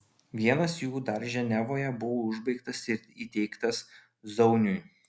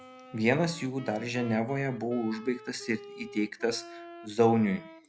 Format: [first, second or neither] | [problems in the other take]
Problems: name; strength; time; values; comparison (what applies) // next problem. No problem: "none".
first | background sound (Wind instrument, woodwind instrument); 17 dB below the speech